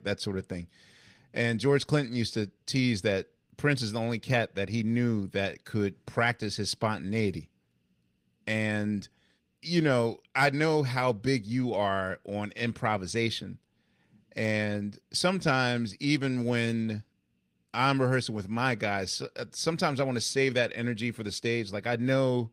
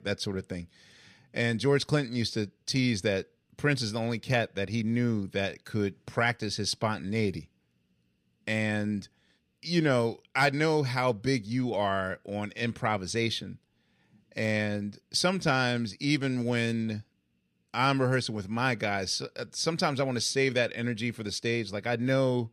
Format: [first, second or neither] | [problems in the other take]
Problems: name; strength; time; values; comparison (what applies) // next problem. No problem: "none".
second | garbled, watery; slightly; nothing above 15.5 kHz